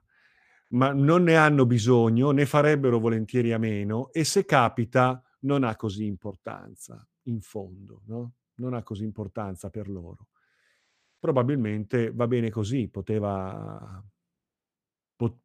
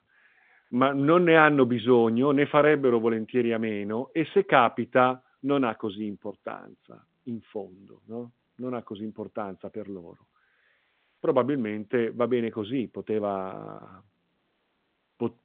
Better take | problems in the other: first | phone-call audio; nothing above 3.5 kHz

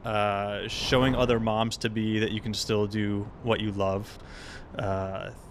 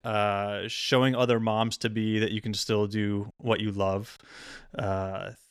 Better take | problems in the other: second | wind noise on the microphone; occasional gusts; 15 dB below the speech

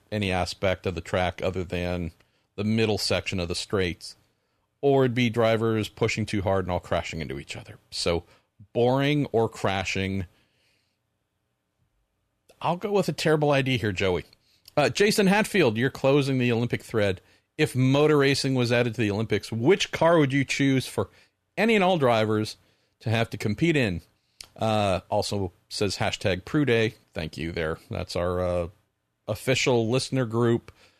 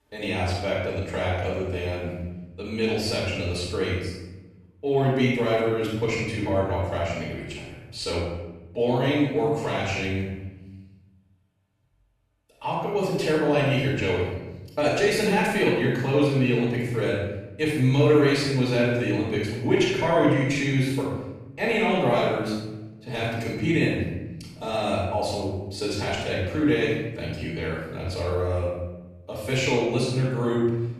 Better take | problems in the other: first | off-mic speech; far // room echo; strong; dies away in 1 s

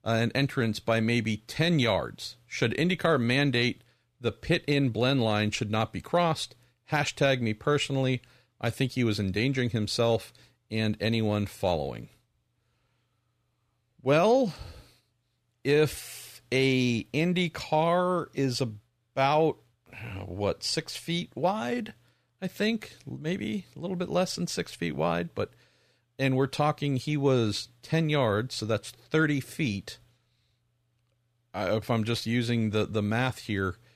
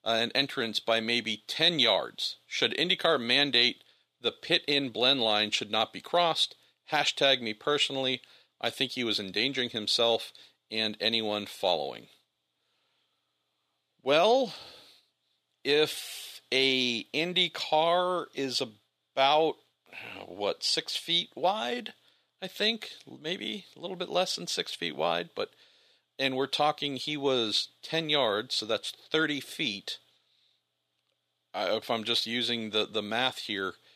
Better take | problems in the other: first | thin; somewhat; fading below 300 Hz

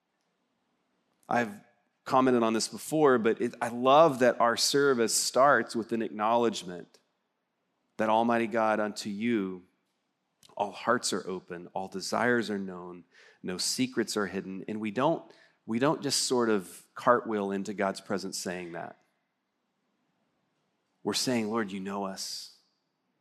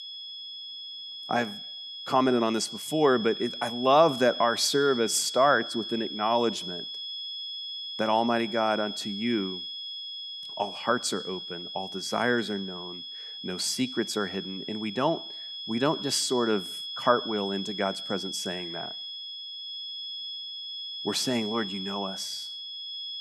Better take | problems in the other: first | high-pitched whine; loud; throughout; 3.5 kHz, 8 dB below the speech

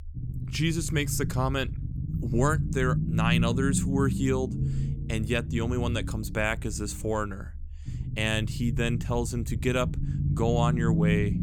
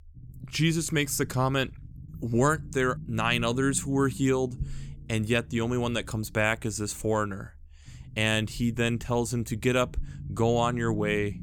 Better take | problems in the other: second | low rumble; loud; throughout; 10 dB below the speech; faint in the second

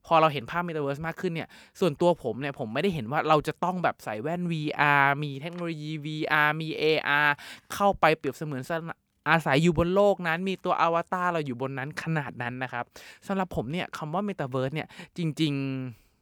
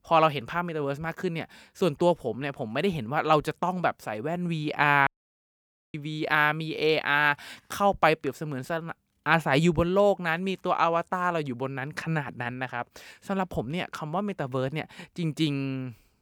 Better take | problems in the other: first | audio cutting out; at 5 s for 1 s

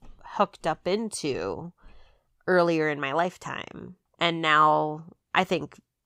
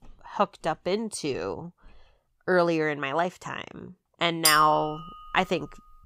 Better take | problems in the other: first | clattering dishes; loud; at 4.5 s; peak 3 dB above the speech

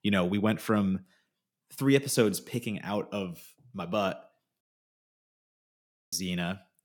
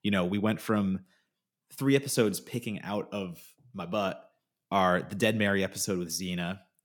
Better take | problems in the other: second | audio cutting out; at 4.5 s for 1.5 s

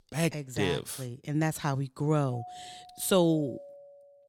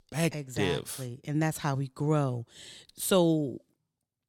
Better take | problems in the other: second | doorbell; faint; from 2.5 s on; peak 15 dB below the speech

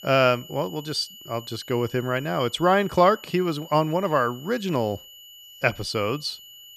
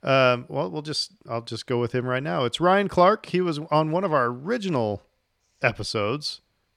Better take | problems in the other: second | high-pitched whine; noticeable; throughout; 3 kHz, 20 dB below the speech

